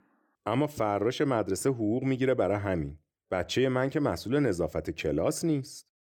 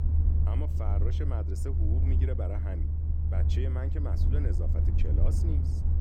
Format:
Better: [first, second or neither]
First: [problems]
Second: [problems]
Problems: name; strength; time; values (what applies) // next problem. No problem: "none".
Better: first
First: none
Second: low rumble; loud; throughout; 1 dB below the speech